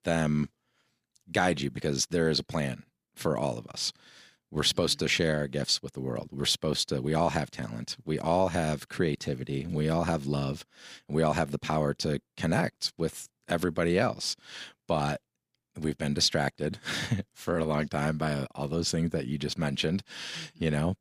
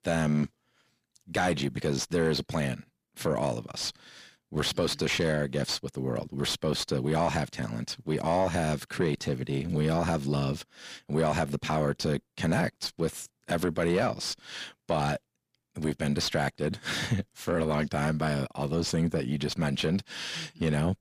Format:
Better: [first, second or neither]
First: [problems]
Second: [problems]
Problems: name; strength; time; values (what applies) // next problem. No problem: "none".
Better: first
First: none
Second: distortion; slight; 10 dB below the speech